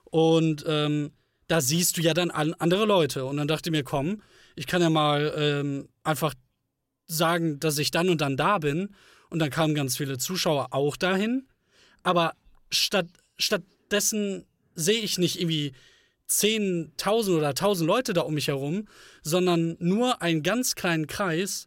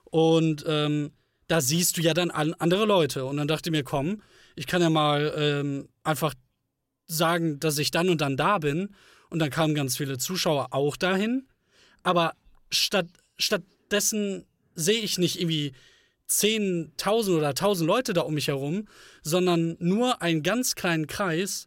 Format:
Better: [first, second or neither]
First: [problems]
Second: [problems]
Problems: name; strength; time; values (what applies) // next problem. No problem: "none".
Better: neither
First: none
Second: none